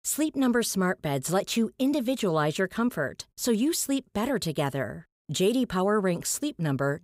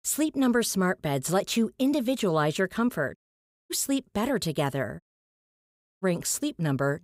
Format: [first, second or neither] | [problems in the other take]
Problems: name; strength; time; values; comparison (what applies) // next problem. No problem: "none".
first | audio cutting out; at 3 s for 0.5 s and at 5 s for 1 s